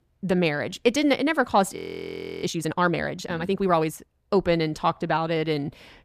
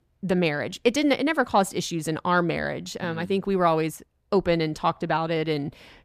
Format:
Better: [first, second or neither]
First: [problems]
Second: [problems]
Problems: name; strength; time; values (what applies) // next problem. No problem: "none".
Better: second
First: audio freezing; at 2 s for 0.5 s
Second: none